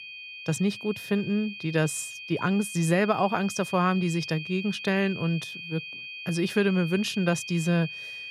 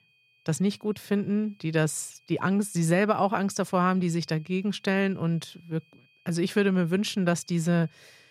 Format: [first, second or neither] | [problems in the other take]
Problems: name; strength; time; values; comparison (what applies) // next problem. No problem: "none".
second | high-pitched whine; loud; throughout; 2.5 kHz, 10 dB below the speech; faint in the second